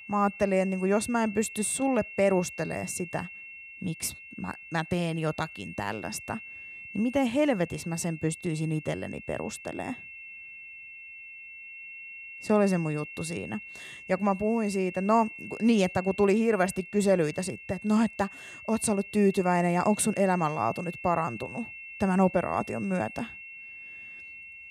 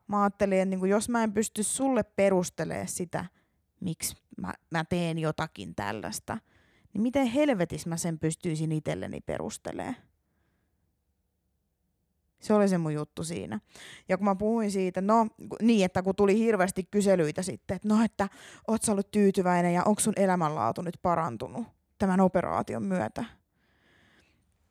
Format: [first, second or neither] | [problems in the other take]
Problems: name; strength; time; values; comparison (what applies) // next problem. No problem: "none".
second | high-pitched whine; noticeable; throughout; 2.5 kHz, 15 dB below the speech